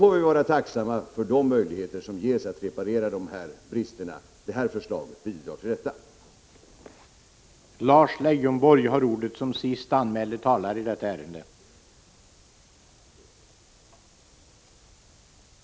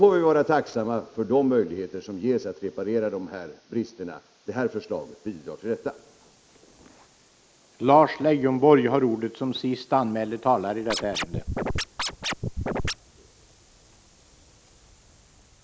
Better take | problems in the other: first | noise reduction (neural mask model Resemble Enhance denoiser)

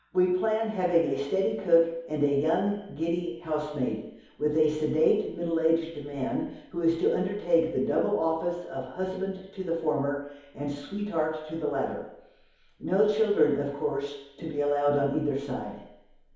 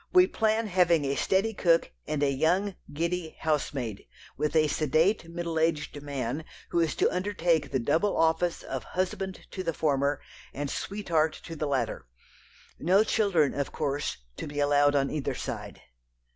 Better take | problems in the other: second | room echo; dies away in 2.2 s

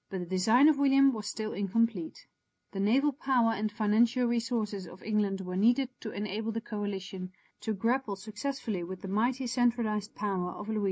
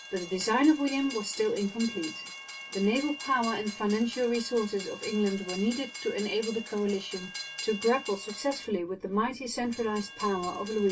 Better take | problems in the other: first | background sound (Train); 12 dB below the speech // room echo; dies away in 0.1 s

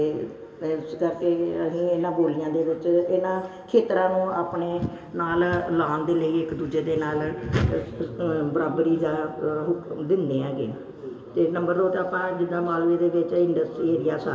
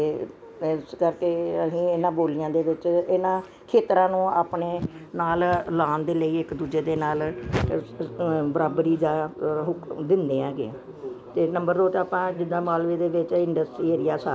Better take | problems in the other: second | room echo; dies away in 1.8 s

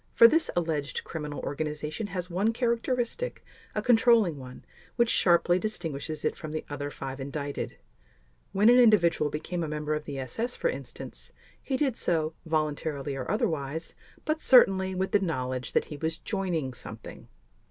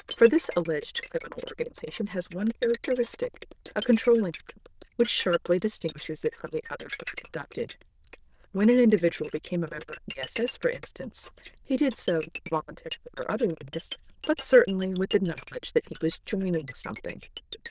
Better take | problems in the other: first | noise reduction (neural diffusion model UNIVERSE++)

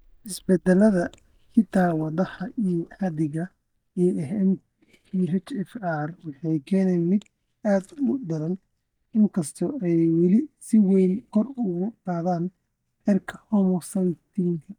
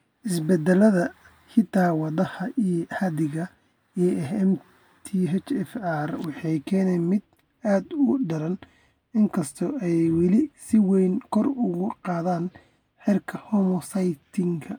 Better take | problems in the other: second | noise reduction (neural mask model DeepFilterNet 3)

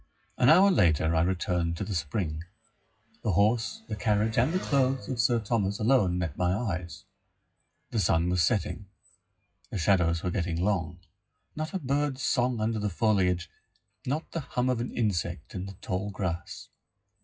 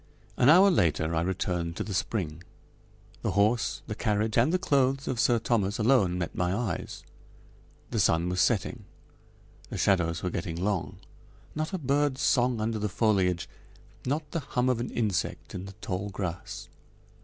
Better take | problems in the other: second | noise reduction (classical method WPE with log-MMSE)

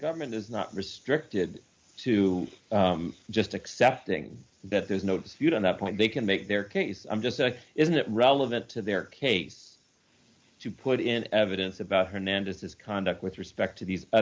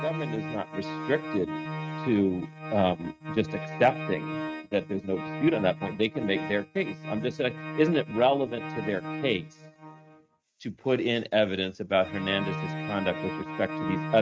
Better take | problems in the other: first | noise reduction (neural mask model RNNoise)

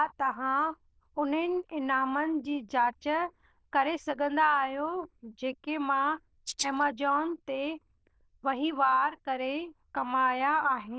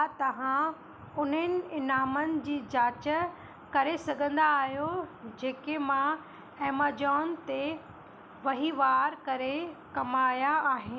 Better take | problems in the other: second | noise reduction (neural diffusion model UNIVERSE++)

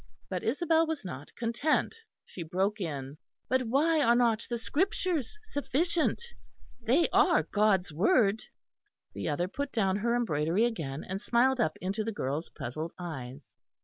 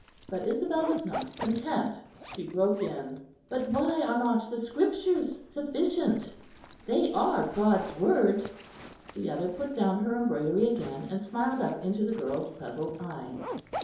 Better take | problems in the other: first | background sound (Zipper (clothing)); 16 dB below the speech // room echo; dies away in 2.8 s

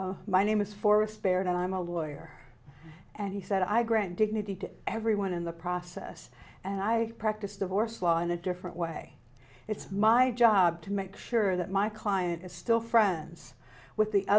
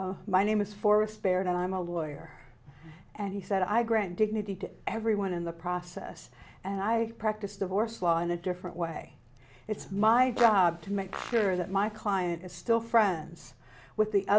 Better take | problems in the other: first | background sound (Fart); 12 dB below the speech

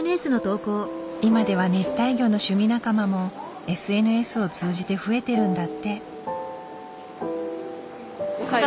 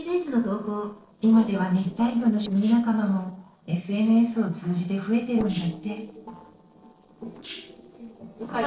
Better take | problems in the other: first | noise reduction (neural separator model SepFormer DNS4)

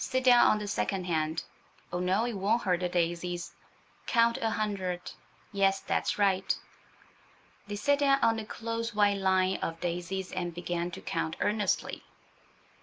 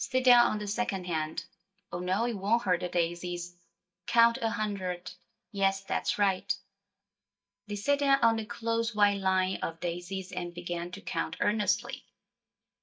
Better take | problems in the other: first | noise reduction (neural mask model DeepFilterNet 3)

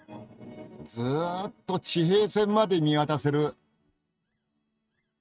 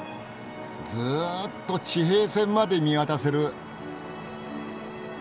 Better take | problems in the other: second | noise reduction (neural mask model RNNoise)

